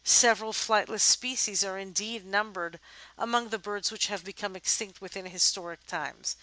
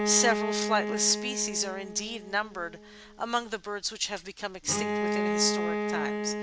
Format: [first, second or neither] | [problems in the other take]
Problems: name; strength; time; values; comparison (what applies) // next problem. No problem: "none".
first | background sound (Bowed string instrument); 1 dB below the speech